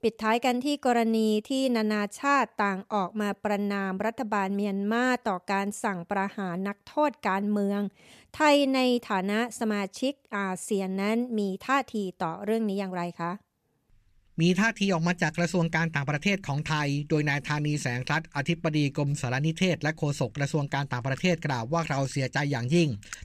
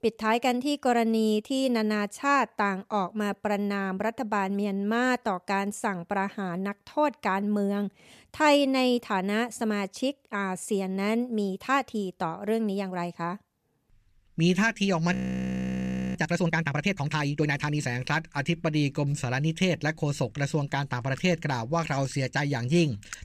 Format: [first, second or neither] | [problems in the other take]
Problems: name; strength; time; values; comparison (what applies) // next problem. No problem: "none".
first | audio freezing; at 15 s for 1 s